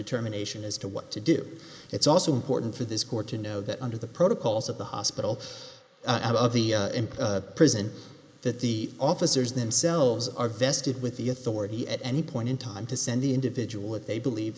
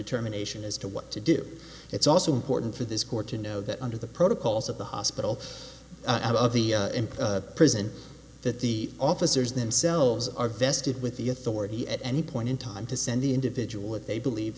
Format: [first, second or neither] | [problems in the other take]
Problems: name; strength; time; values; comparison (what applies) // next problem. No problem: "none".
second | noise reduction (neural mask model Resemble Enhance denoiser)